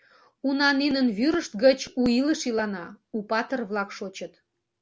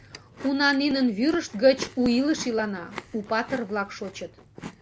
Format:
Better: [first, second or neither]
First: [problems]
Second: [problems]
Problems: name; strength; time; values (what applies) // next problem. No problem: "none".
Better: first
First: none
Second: background sound (Chewing, mastication); 18 dB below the speech